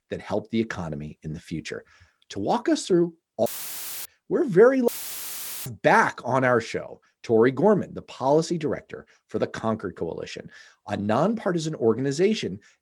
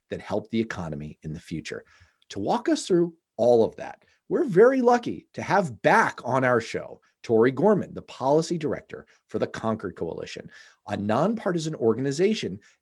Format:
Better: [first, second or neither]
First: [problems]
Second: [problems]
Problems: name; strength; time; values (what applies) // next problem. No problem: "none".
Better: second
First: audio cutting out; filled with static; at 3.5 s for 0.5 s and at 5 s for 1 s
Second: none